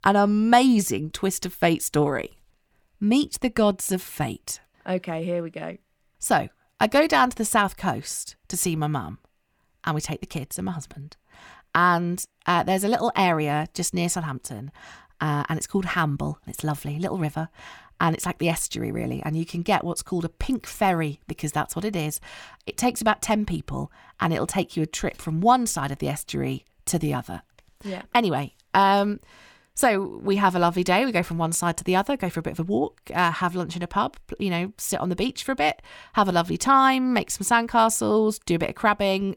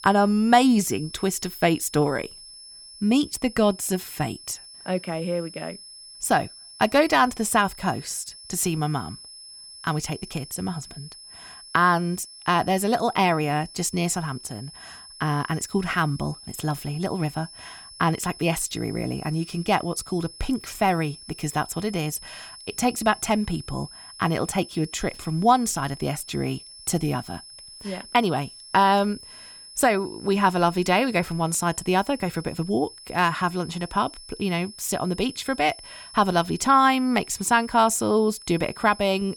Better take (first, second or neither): first